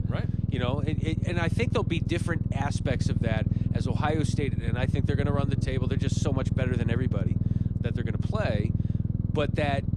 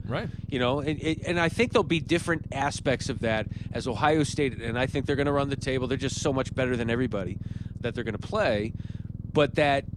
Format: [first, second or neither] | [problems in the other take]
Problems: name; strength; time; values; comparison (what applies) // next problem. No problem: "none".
second | low rumble; loud; throughout; 6 dB below the speech; faint in the second